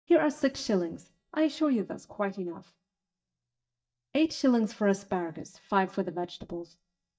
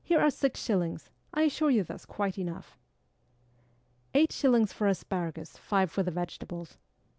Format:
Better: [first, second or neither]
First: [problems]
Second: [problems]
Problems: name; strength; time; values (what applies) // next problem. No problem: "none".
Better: second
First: noise reduction (neural mask model DeepFilterNet 3)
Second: none